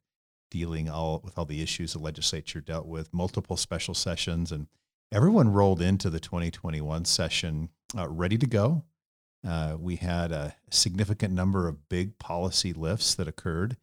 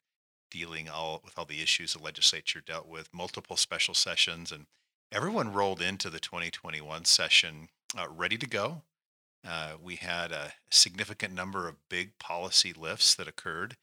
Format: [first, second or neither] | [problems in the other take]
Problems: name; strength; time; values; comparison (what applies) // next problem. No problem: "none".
first | thin; somewhat; fading below 1 kHz